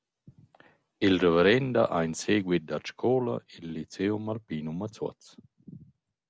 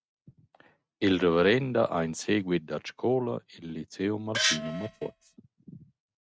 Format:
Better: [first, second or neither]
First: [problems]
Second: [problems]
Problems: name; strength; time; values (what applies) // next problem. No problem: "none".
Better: first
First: none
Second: noise reduction (neural mask model RNNoise)